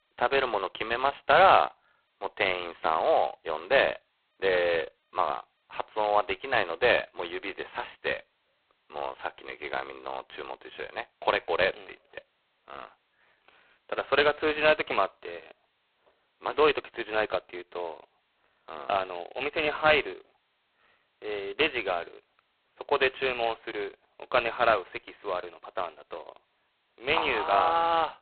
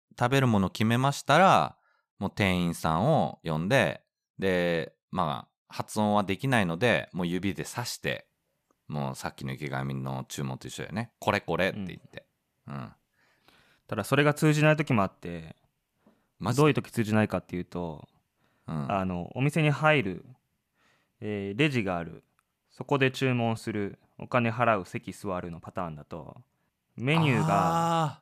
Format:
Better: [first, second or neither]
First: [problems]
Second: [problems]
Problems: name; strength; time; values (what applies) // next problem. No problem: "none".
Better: second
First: phone-call audio; poor line; nothing above 4 kHz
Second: none